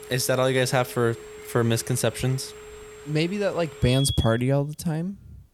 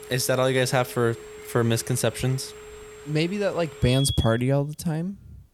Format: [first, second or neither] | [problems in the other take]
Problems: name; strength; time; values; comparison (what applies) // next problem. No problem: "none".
neither | alarms or sirens; noticeable; throughout; 15 dB below the speech; the same in both